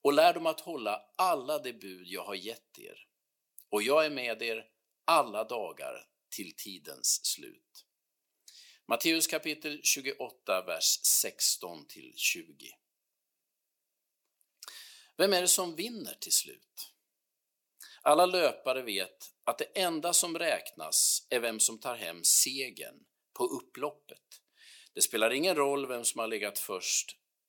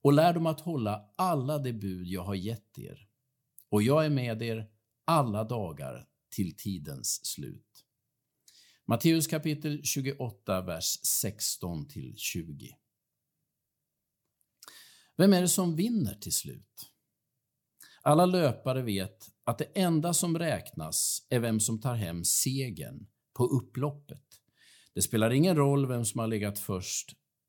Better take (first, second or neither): second